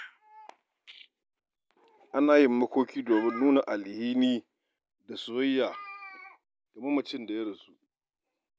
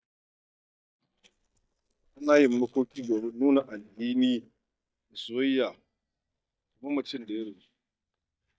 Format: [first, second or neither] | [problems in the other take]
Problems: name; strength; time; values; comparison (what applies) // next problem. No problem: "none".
first | noise reduction (neural mask model DeepFilterNet 3)